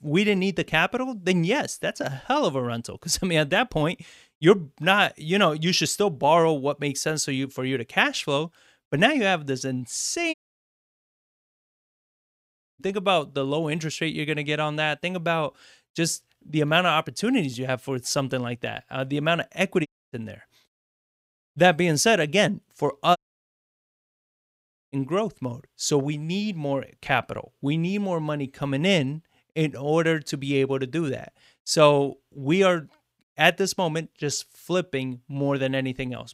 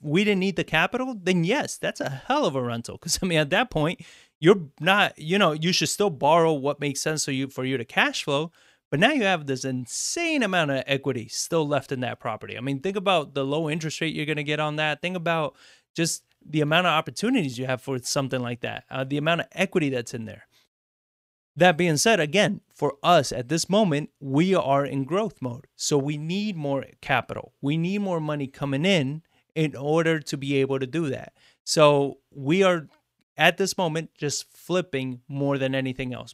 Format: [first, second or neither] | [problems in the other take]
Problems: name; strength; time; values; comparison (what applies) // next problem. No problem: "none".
second | audio cutting out; at 10 s for 2.5 s, at 20 s and at 23 s for 2 s